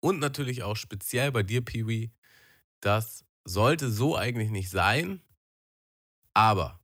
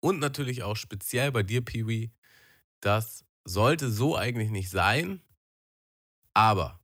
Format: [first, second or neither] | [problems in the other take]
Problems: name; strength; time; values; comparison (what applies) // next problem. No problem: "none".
neither | none